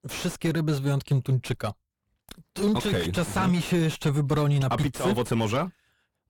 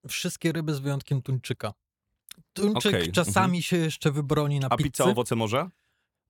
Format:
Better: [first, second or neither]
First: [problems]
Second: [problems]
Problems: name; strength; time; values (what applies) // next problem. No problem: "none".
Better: second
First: distortion; heavy; 6 dB below the speech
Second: none